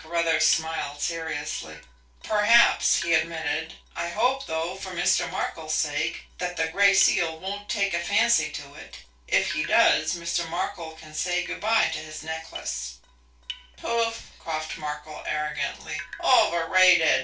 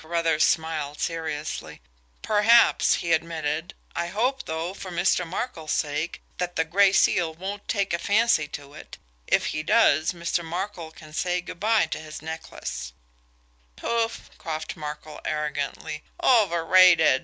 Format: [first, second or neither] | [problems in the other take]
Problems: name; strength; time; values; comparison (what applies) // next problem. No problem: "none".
second | background sound (Drip); 20 dB below the speech // room echo; dies away in 0.2 s